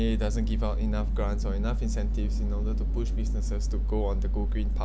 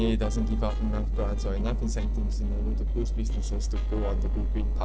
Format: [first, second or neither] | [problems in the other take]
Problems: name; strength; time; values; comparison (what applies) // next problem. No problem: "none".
first | noise reduction (neural separator model SepFormer DNS4)